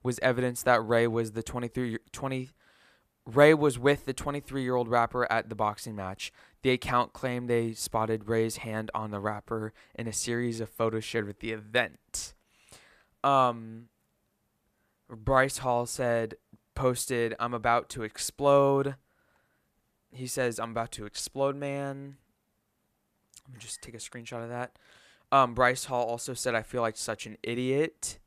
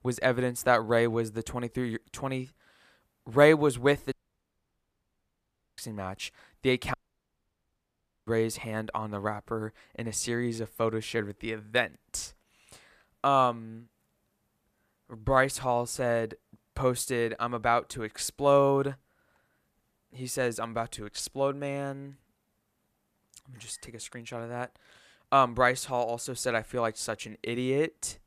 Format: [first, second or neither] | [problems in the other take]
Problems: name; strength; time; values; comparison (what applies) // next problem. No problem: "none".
first | audio cutting out; at 4 s for 1.5 s and at 7 s for 1.5 s